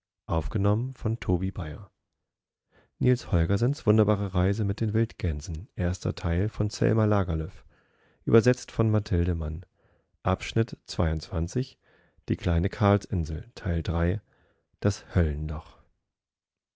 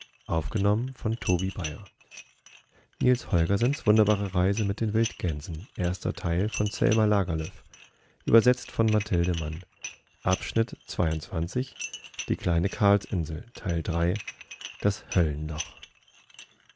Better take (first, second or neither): first